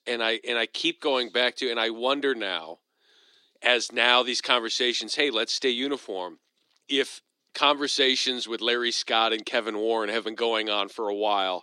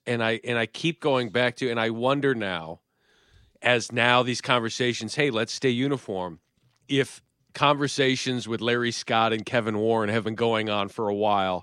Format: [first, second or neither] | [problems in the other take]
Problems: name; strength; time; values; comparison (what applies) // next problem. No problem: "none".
second | thin; very slightly; fading below 300 Hz